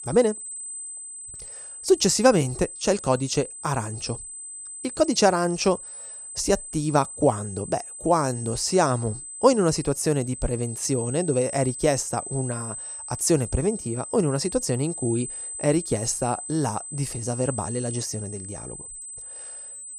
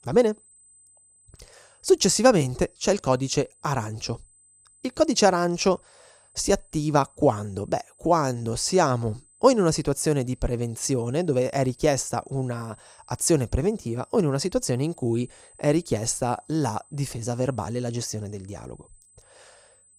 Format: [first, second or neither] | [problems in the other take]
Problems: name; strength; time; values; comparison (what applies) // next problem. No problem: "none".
second | high-pitched whine; loud; throughout; 8 kHz, 9 dB below the speech; faint in the second